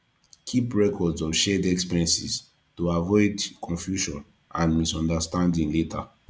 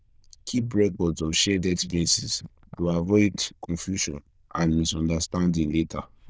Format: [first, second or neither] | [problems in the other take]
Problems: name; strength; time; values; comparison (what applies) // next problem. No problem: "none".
first | noise reduction (neural diffusion model UNIVERSE++)